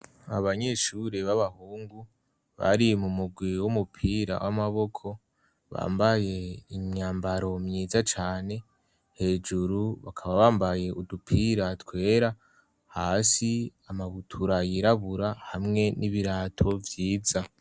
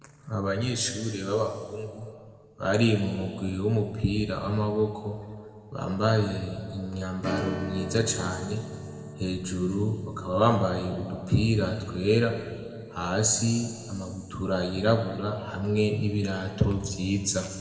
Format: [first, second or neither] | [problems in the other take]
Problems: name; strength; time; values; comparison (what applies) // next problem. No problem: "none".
first | background sound (Strum); 16 dB below the speech // room echo; dies away in 2.1 s